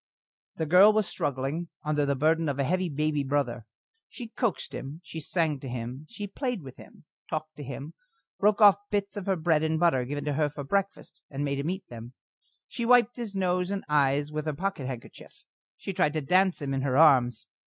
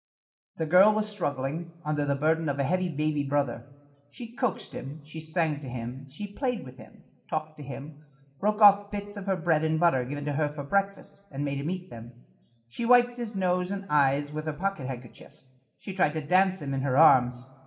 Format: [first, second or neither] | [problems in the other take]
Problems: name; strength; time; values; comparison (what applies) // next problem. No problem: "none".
first | room echo; dies away in 1.6 s